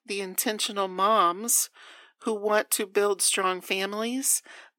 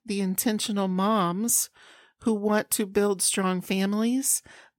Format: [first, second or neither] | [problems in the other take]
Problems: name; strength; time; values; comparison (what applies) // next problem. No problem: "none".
second | thin; somewhat; fading below 300 Hz